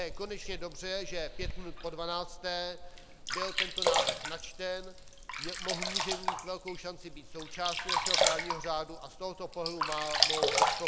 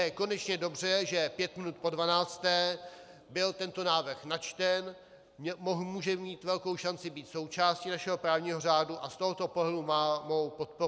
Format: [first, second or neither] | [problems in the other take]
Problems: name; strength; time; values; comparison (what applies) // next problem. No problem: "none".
second | background sound (Sink (filling or washing)); 5 dB above the speech